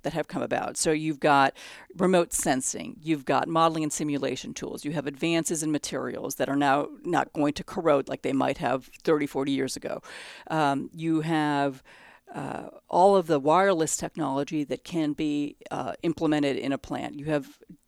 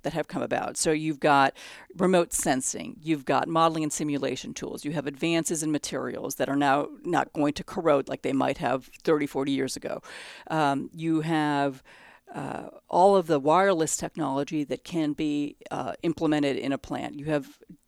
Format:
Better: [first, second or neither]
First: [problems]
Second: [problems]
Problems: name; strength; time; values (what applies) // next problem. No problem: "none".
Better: neither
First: none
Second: none